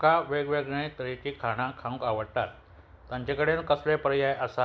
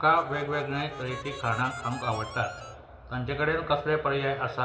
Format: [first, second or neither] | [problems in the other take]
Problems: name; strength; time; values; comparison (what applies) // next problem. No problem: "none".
first | background sound (Harmonica); 14 dB below the speech // room echo; dies away in 2.2 s